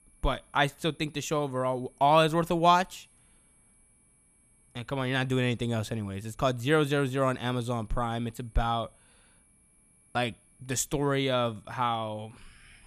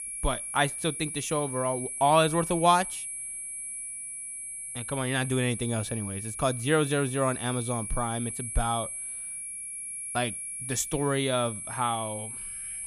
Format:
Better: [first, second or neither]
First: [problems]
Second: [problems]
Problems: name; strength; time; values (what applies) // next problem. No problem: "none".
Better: first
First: high-pitched whine; faint; throughout; 11 kHz, 35 dB below the speech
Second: high-pitched whine; loud; throughout; 11 kHz, 6 dB below the speech